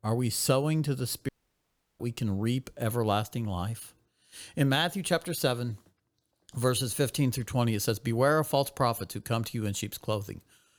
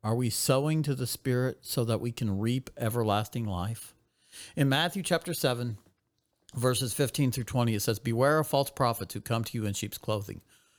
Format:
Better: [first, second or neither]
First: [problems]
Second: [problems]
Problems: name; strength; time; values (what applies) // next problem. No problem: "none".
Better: second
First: audio cutting out; at 1.5 s for 0.5 s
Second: none